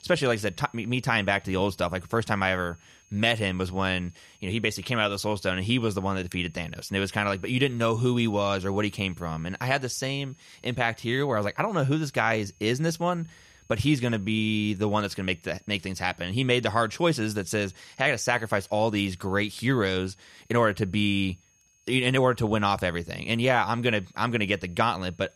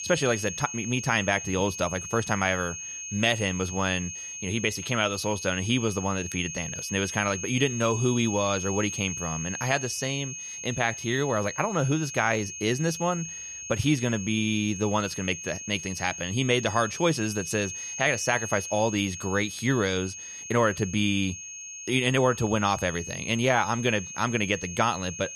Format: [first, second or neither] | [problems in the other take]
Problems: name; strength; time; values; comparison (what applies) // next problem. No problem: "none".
first | high-pitched whine; loud; throughout; 6.5 kHz, 8 dB below the speech; faint in the first